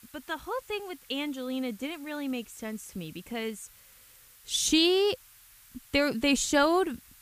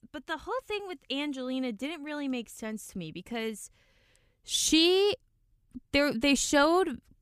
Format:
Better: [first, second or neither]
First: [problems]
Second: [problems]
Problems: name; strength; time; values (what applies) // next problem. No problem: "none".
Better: second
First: hiss; faint; throughout; 25 dB below the speech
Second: none